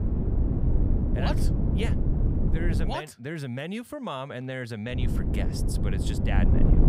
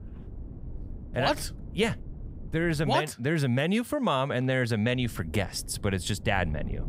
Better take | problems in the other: second | wind noise on the microphone; heavy; until 3 s and from 5 s on; 1 dB below the speech; occasional gusts in the second

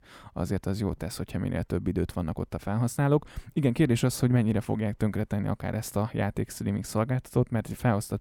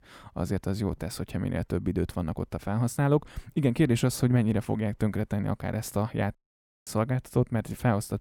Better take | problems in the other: first | audio cutting out; at 6.5 s for 0.5 s

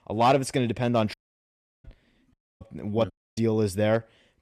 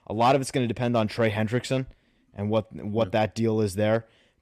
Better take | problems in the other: second | audio cutting out; at 1 s for 0.5 s, at 2.5 s and at 3 s

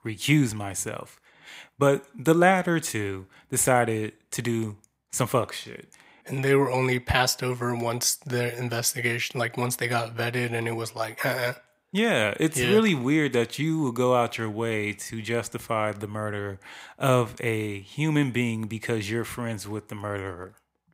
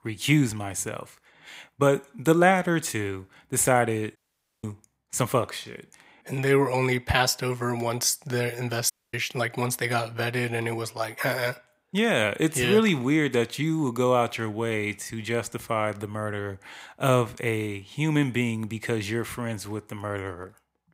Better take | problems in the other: first | audio cutting out; at 4 s and at 9 s

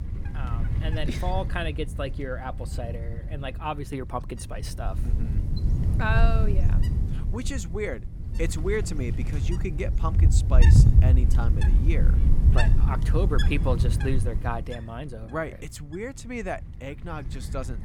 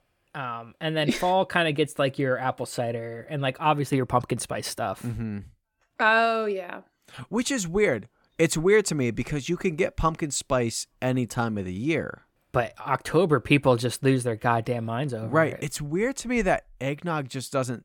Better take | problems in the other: second | wind noise on the microphone; heavy; 5 dB below the speech

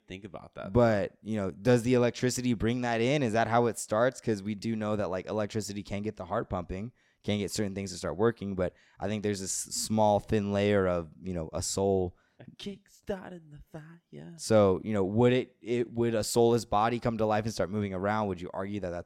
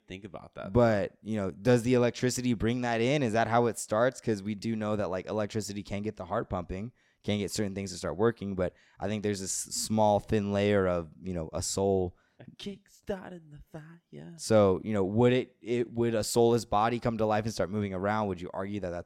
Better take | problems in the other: neither | none

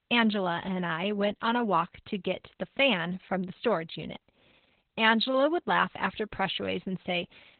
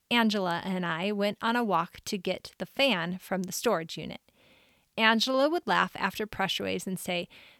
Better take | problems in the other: second | garbled, watery; badly; nothing above 4 kHz

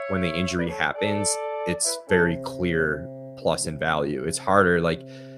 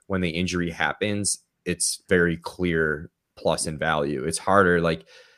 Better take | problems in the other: second | background music; loud; throughout; 10 dB below the speech

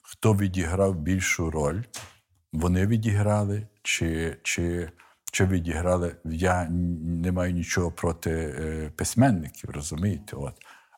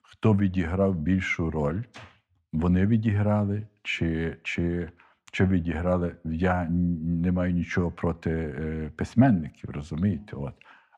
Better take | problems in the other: first | muffled; very; fading above 2.5 kHz

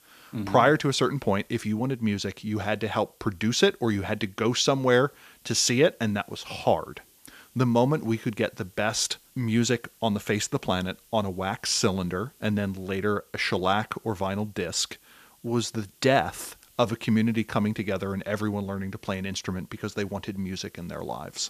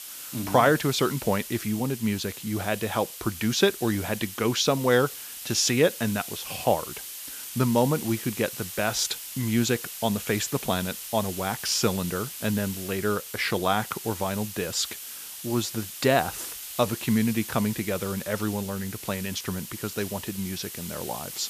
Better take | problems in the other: first | hiss; loud; throughout; 9 dB below the speech; faint in the first

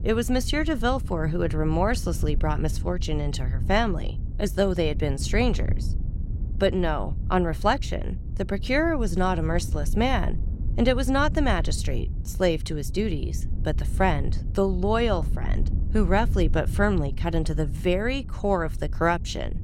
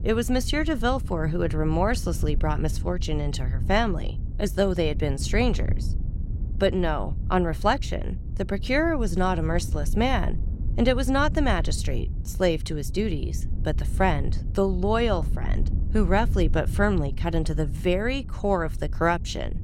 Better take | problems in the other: neither | wind noise on the microphone; occasional gusts; 20 dB below the speech; the same in both

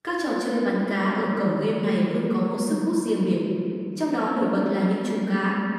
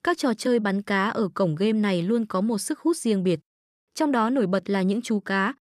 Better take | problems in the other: second | off-mic speech; far // room echo; noticeable; dies away in 2.6 s

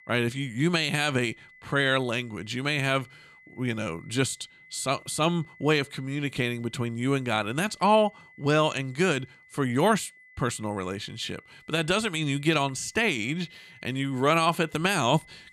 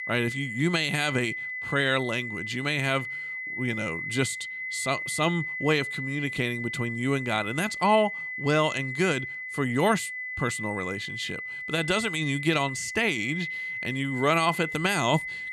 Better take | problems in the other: first | high-pitched whine; loud; throughout; 2 kHz, 5 dB below the speech; faint in the first

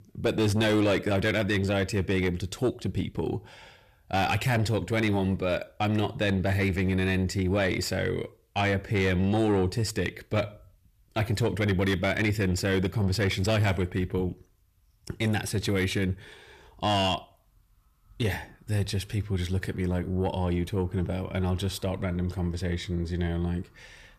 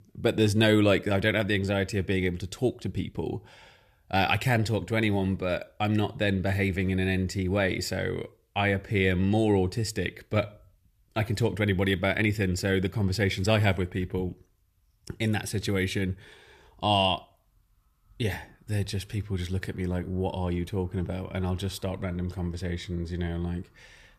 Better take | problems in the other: second | distortion; slight; 10 dB below the speech

